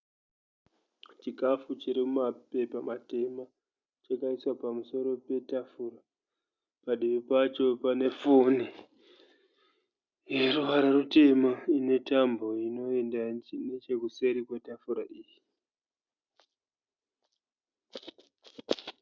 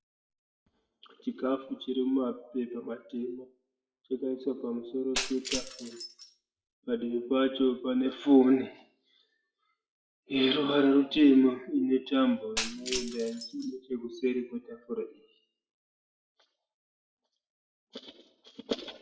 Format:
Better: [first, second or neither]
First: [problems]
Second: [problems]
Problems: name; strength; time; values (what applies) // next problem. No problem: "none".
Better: first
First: none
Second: noise reduction (classical method WPE with log-MMSE)